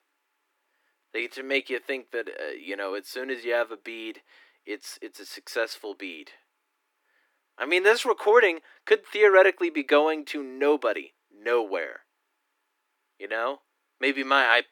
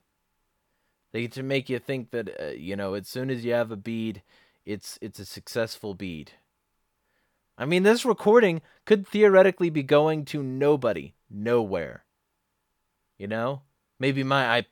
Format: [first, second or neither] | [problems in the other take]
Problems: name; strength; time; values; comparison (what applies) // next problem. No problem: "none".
second | thin; somewhat; fading below 300 Hz